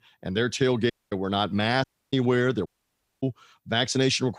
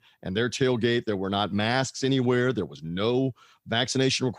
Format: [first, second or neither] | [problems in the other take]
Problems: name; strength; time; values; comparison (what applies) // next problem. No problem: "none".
second | audio cutting out; at 1 s, at 2 s and at 2.5 s for 0.5 s